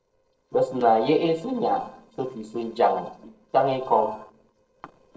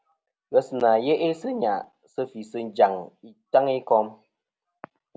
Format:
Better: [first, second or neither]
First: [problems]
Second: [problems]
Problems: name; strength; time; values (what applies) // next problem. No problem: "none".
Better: second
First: noise reduction (neural separator model SepFormer DNS4)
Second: none